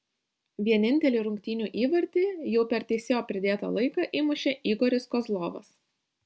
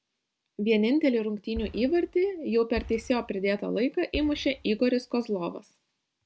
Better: first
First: none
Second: background sound (Boom); 16 dB below the speech

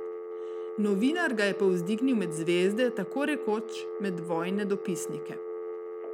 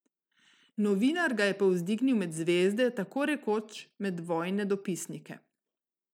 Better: second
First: background sound (Telephone); 7 dB below the speech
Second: none

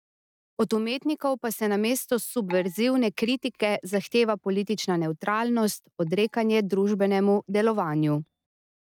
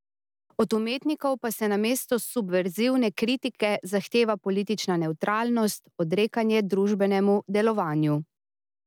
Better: second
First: noise reduction (neural mask model DeepFilterNet 3)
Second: none

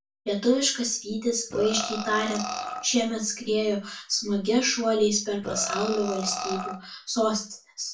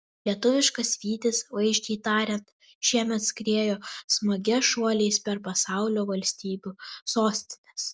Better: second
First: background sound (Burping, eructation); 7 dB below the speech // room echo; dies away in 0.3 s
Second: none

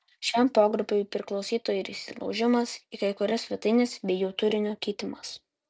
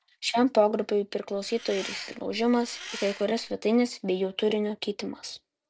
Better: first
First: none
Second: background sound (Engine); 14 dB below the speech

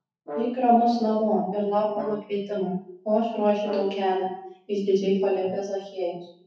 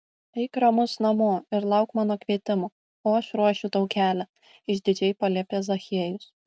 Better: second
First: noise reduction (classical method WPE with log-MMSE)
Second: none

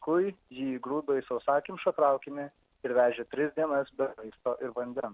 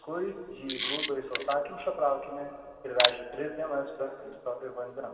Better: first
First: none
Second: background sound (Camera); 2 dB below the speech // room echo; dies away in 2.1 s

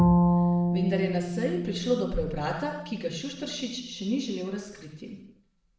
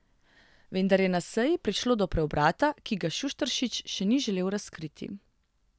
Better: second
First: background sound (Bowed string instrument); 3 dB above the speech // room echo; dies away in 0.7 s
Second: none

